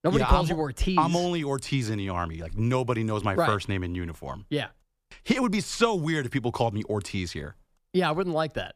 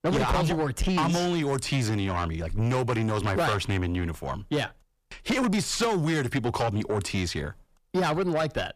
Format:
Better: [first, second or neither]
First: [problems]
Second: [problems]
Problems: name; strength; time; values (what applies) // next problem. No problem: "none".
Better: first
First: none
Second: distortion; heavy; 7 dB below the speech